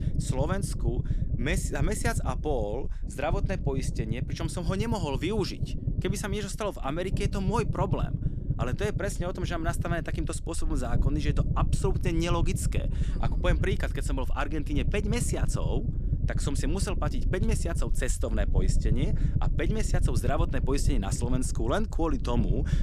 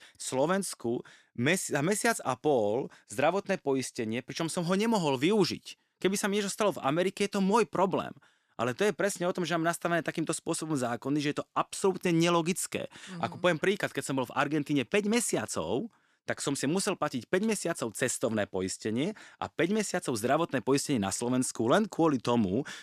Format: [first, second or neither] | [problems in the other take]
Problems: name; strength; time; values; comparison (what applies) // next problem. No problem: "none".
second | low rumble; noticeable; throughout; 10 dB below the speech